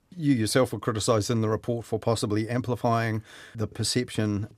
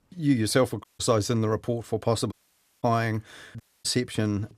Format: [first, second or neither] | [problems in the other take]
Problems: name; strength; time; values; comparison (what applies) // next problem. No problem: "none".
first | audio cutting out; at 1 s, at 2.5 s for 0.5 s and at 3.5 s